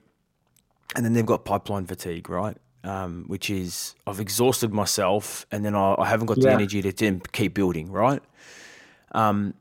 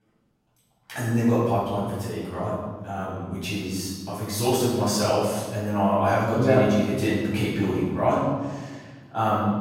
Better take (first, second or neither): first